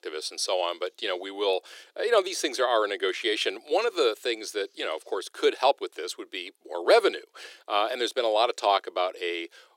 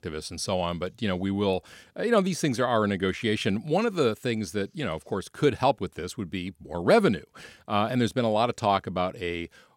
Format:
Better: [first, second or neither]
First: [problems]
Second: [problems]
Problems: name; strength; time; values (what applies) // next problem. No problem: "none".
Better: second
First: thin; very; fading below 350 Hz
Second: none